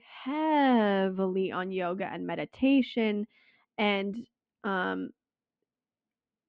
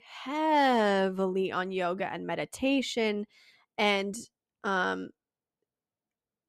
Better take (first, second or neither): second